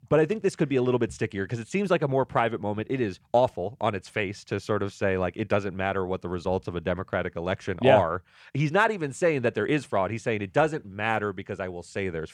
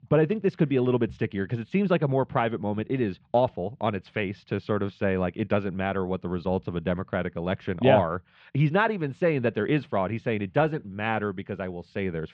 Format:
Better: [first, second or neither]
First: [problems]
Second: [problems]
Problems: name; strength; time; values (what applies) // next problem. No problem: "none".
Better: first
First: none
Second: muffled; slightly; fading above 3.5 kHz